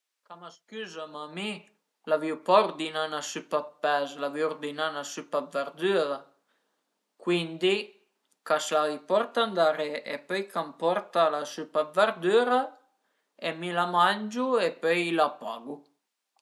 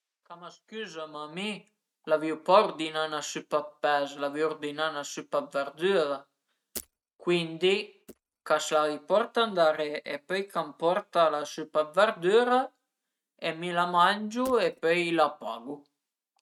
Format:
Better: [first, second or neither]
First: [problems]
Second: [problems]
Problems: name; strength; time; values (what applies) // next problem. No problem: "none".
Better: first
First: none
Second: noise reduction (neural mask model RNNoise)